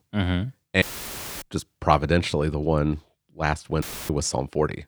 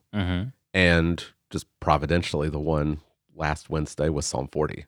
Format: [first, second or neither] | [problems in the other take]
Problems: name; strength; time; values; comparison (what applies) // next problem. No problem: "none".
second | audio cutting out; filled with static; at 1 s for 0.5 s and at 4 s